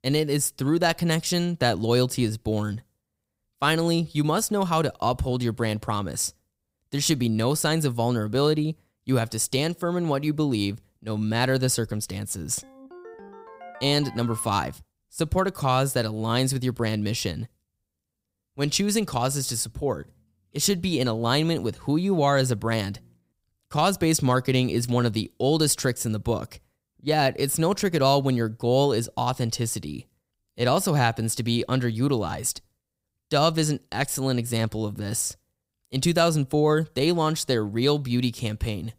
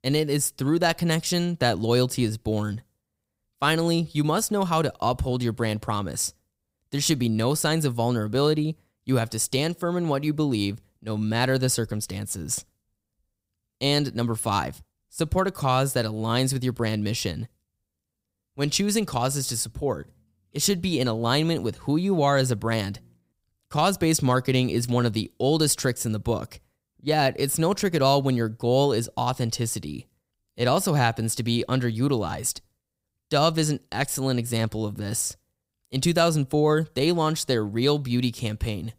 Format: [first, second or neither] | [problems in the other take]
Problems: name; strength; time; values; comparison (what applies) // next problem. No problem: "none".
second | phone ringing; faint; from 13 to 15 s; peak 15 dB below the speech